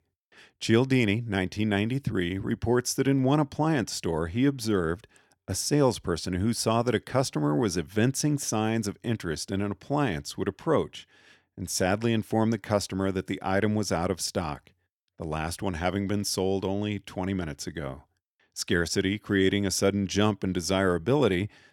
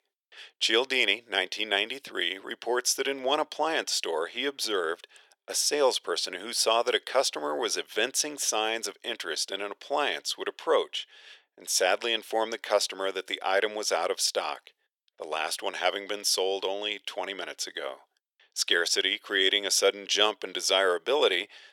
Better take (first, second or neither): first